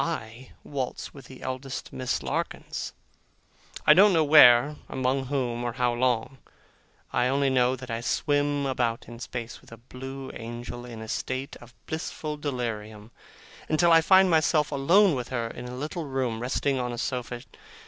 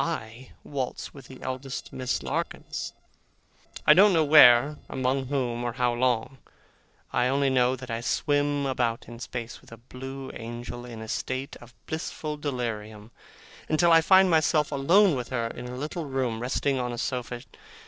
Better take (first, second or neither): first